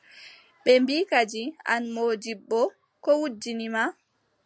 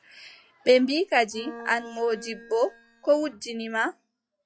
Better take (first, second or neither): first